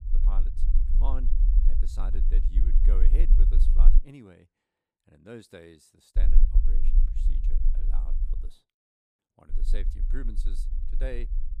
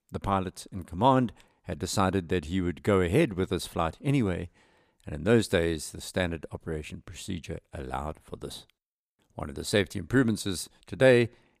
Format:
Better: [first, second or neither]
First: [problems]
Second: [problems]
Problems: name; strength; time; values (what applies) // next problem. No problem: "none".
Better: second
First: low rumble; loud; until 4 s, from 6 to 8.5 s and from 9.5 s on; 6 dB below the speech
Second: none